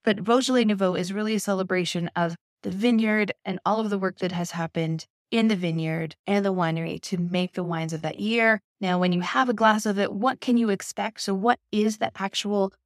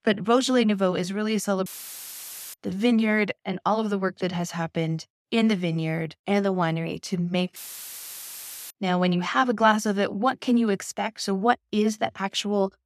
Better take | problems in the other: first | audio cutting out; filled with static; at 1.5 s for 1 s and at 7.5 s for 1 s

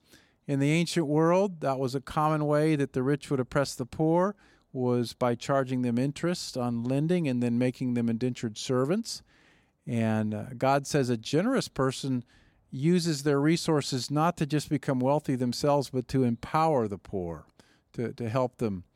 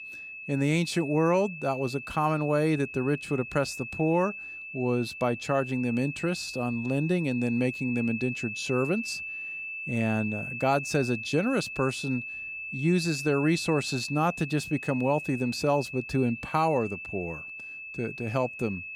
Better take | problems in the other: first | high-pitched whine; loud; throughout; 2.5 kHz, 8 dB below the speech

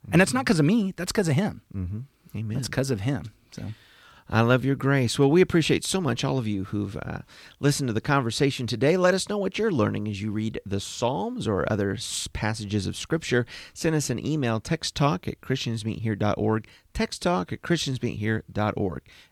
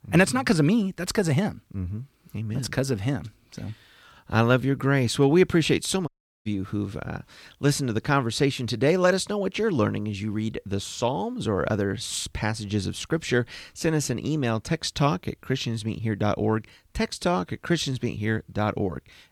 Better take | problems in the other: first | audio cutting out; at 6 s

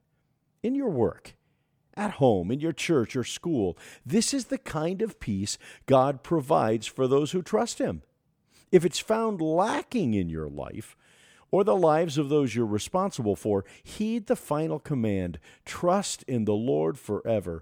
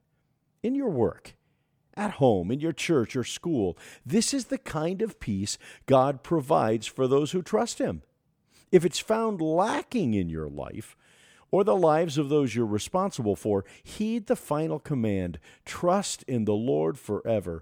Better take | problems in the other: neither | none

